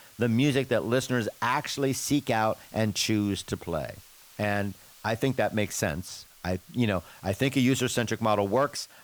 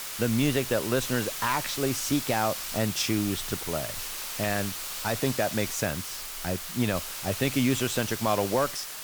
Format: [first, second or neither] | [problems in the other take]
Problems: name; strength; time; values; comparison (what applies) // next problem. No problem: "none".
first | hiss; loud; throughout; 5 dB below the speech; faint in the first